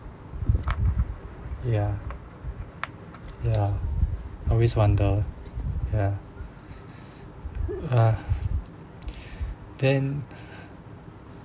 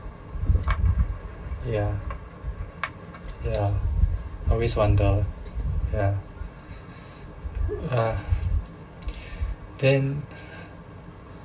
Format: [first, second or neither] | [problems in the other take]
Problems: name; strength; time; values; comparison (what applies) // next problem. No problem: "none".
first | room echo; dies away in 0.1 s